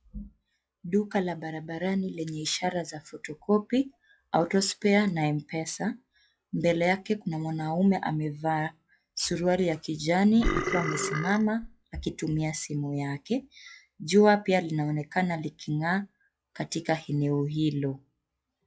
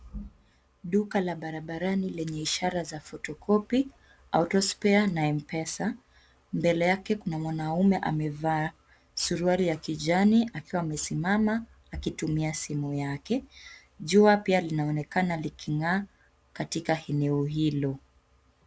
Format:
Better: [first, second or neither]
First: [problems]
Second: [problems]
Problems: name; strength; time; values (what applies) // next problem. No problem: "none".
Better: second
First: noise reduction (classical method log-MMSE)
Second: none